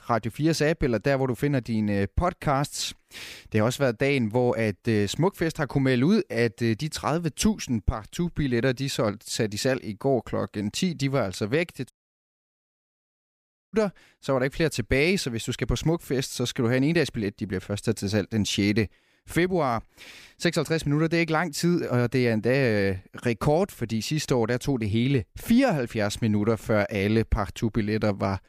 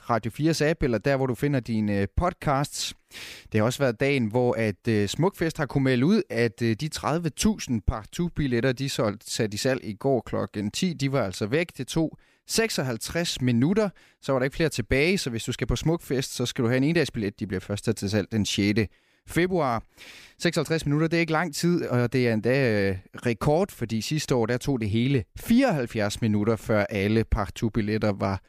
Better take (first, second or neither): second